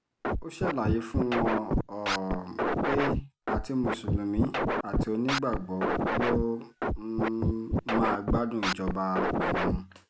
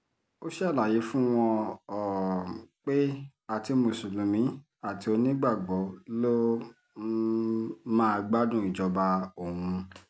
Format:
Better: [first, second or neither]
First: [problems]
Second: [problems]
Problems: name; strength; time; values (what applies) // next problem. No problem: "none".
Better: second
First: background sound (Scratching (performance technique)); 2 dB above the speech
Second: none